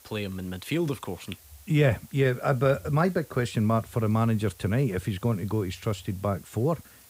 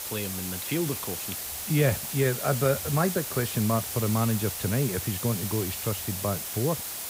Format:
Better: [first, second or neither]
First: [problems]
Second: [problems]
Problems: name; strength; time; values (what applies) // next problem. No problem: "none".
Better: first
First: hiss; faint; throughout; 25 dB below the speech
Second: hiss; loud; throughout; 3 dB below the speech